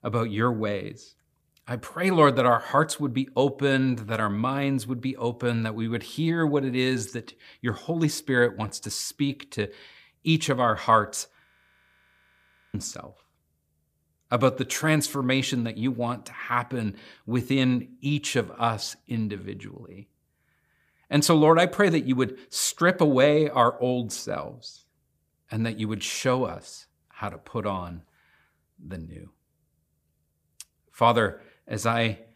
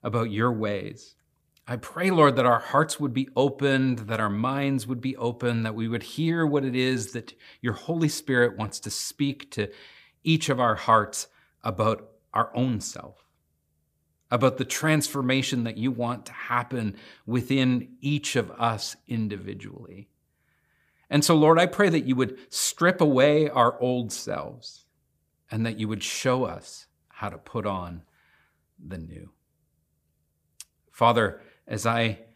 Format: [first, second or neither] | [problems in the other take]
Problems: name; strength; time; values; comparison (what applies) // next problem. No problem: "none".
second | audio freezing; at 11 s for 1.5 s